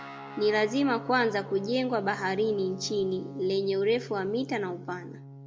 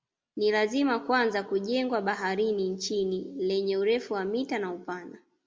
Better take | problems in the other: second | background sound (Guitar); 15 dB below the speech

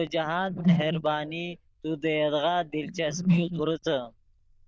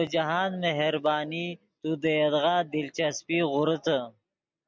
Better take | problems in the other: second | noise reduction (neural diffusion model UNIVERSE++)

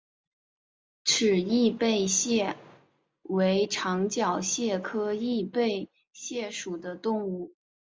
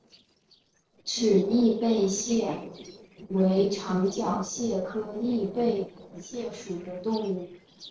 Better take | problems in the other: first | noise reduction (neural separator model SepFormer DNS4)

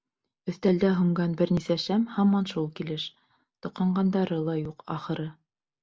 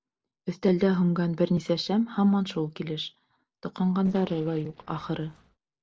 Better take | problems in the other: first | noise reduction (neural separator model SepFormer DNS4)

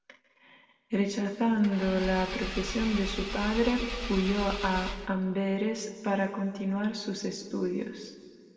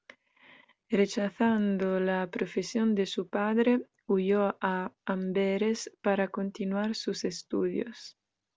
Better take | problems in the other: second | background sound (Engine / Car); 7 dB below the speech // room echo; dies away in 1.6 s

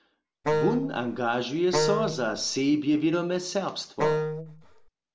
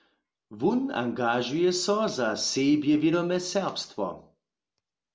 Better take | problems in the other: second | background sound (Wind instrument, woodwind instrument); 1 dB below the speech

